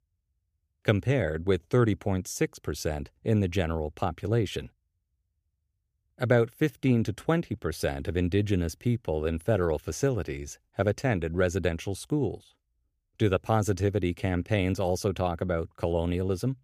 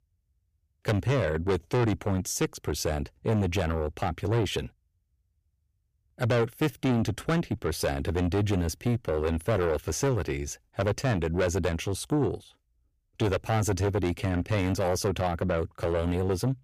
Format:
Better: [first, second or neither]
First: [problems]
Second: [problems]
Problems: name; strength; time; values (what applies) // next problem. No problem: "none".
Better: first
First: none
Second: distortion; heavy; 7 dB below the speech